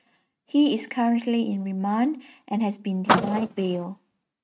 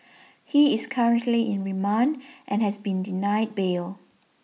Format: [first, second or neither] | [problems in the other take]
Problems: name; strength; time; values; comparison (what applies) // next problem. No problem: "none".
second | noise reduction (neural mask model RNNoise)